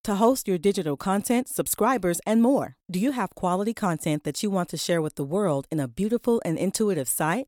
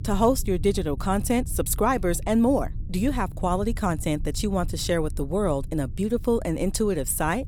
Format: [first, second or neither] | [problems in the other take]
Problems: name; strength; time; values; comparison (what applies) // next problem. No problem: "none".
first | low rumble; faint; throughout; 25 dB below the speech